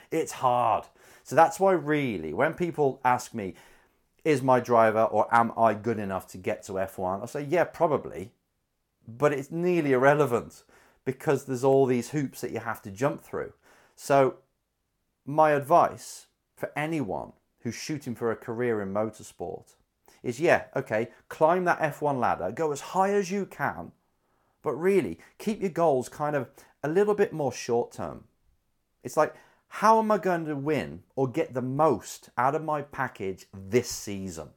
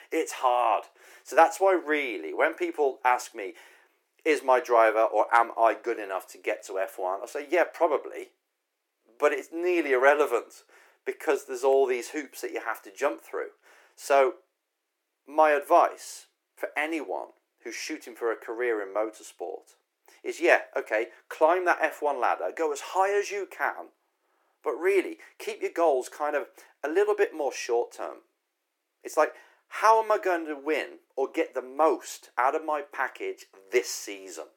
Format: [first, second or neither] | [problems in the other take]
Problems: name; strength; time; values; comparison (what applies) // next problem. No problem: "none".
first | thin; very; fading below 300 Hz